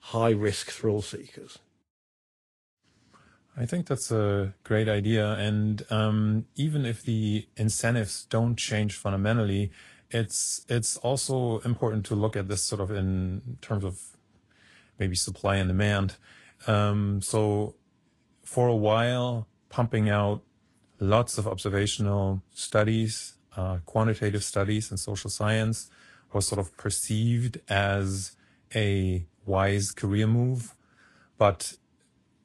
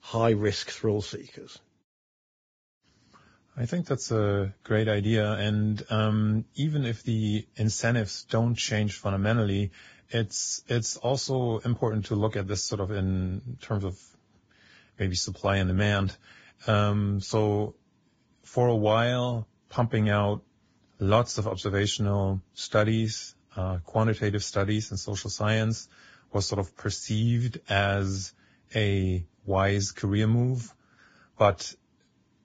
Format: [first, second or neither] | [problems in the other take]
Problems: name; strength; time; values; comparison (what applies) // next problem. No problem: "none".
first | garbled, watery; badly; nothing above 7.5 kHz; slightly in the first